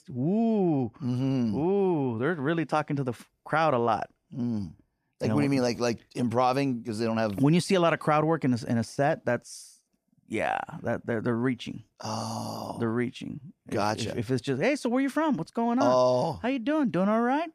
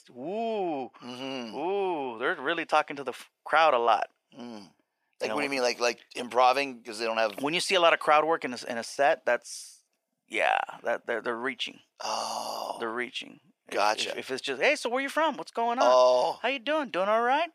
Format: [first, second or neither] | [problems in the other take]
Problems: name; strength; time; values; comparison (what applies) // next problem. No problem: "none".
first | thin; very; fading below 600 Hz